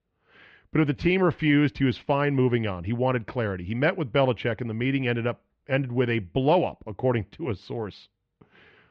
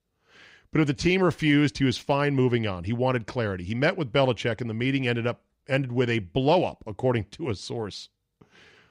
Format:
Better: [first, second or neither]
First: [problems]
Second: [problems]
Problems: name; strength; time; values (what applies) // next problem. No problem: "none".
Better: second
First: muffled; slightly; fading above 3 kHz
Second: none